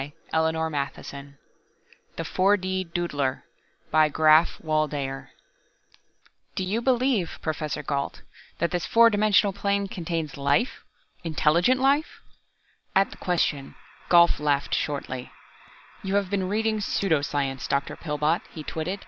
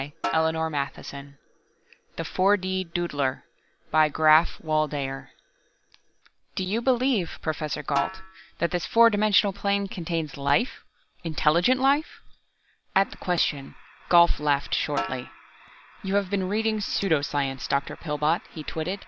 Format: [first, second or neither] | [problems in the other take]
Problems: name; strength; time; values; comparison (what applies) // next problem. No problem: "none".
first | background sound (Snare drum); 12 dB below the speech